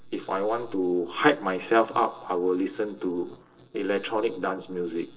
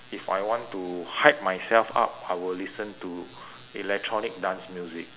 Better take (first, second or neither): second